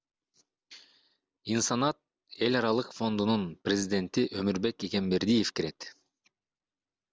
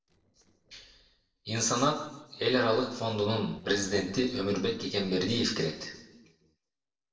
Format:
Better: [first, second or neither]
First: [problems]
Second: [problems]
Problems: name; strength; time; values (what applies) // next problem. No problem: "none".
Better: first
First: none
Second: noise reduction (neural separator model SepFormer DNS4)